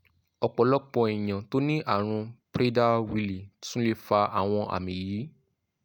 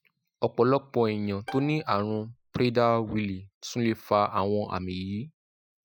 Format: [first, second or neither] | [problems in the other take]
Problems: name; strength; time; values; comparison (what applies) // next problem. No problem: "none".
first | noise reduction (classical method Wiener filter)